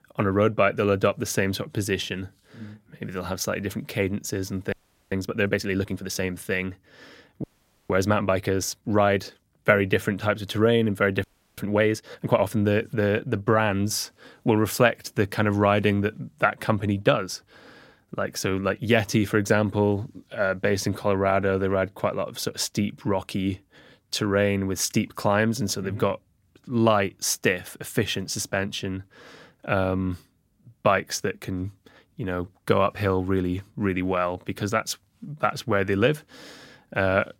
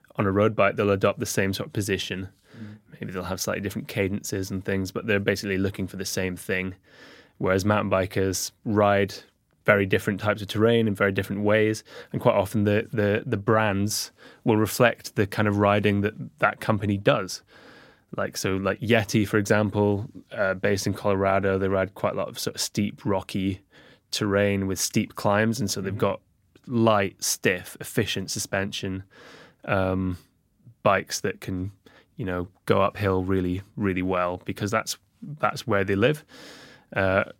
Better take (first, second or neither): second